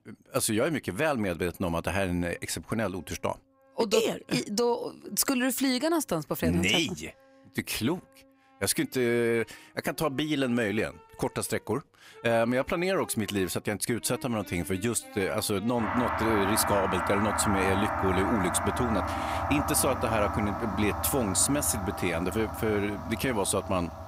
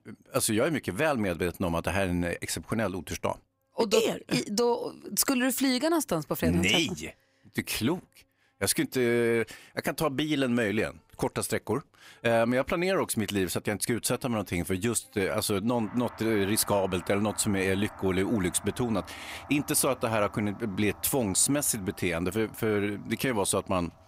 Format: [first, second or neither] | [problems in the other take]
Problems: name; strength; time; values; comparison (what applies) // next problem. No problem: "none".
second | background music; loud; throughout; 4 dB below the speech; faint in the second